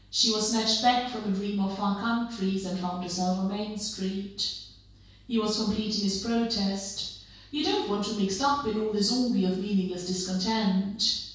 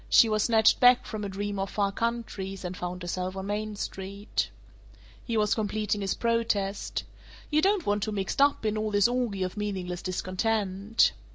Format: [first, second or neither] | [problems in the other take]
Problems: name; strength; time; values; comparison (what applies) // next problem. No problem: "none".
second | room echo; dies away in 0.6 s